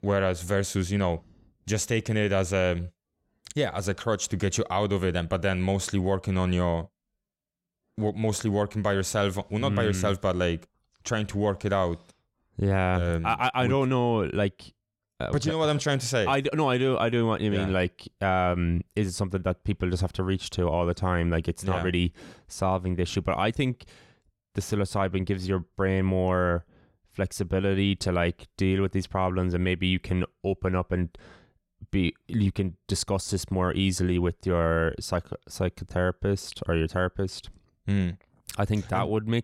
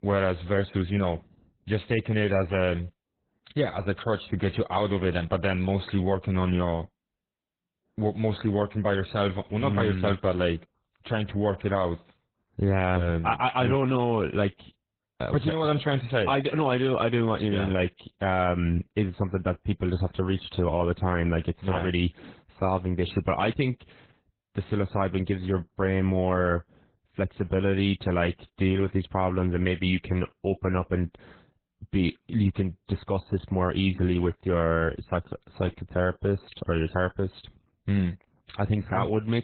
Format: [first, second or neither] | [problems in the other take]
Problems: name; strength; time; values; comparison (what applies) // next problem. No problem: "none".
first | garbled, watery; badly; nothing above 4 kHz